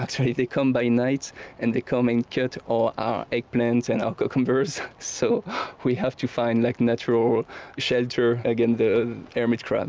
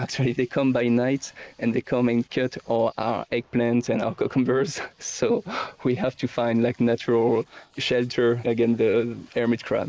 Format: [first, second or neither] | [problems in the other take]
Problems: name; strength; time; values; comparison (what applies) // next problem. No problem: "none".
first | noise reduction (neural mask model Resemble Enhance denoiser)